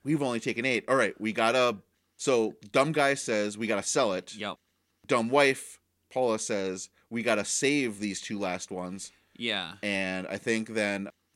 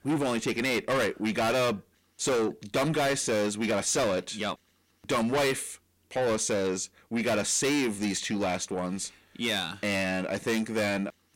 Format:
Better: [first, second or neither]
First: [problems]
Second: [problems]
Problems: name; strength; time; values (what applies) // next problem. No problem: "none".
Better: first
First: none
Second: distortion; heavy; 6 dB below the speech